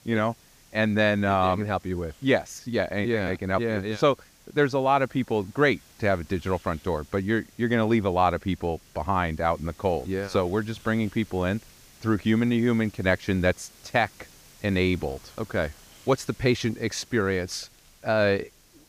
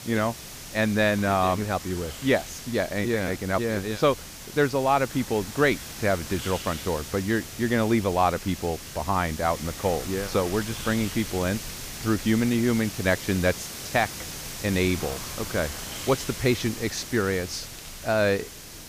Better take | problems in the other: first | hiss; loud; throughout; 10 dB below the speech; faint in the first

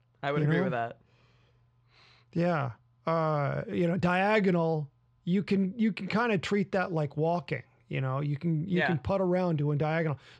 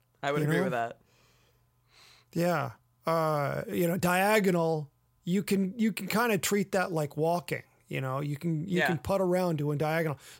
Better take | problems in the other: second | muffled; very slightly; fading above 4 kHz

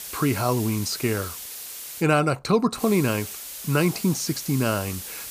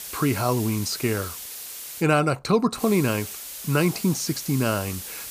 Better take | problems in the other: neither | hiss; loud; until 2 s and from 3 s on; 10 dB below the speech; the same in both

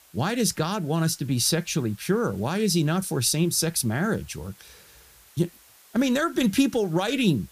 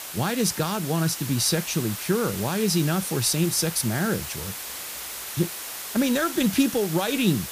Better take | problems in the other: first | hiss; loud; throughout; 8 dB below the speech; faint in the first

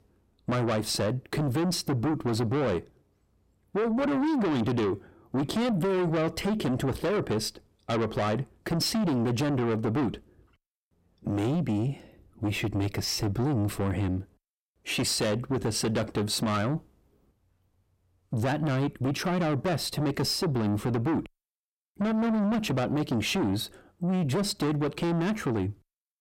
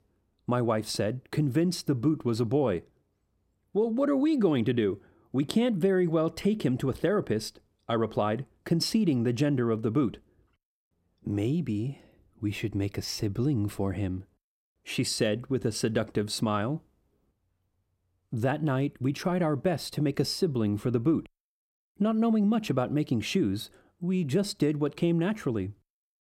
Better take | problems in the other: second | distortion; heavy; 7 dB below the speech

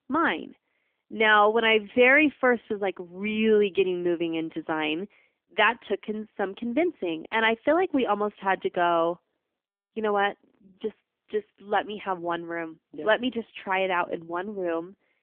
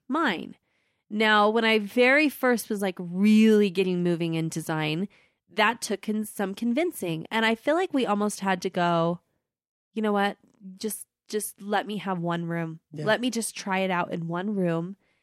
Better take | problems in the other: second | phone-call audio; nothing above 3 kHz

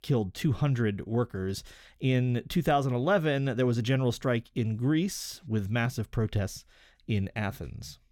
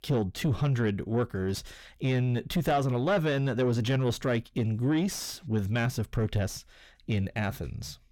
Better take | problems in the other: first | distortion; slight; 10 dB below the speech

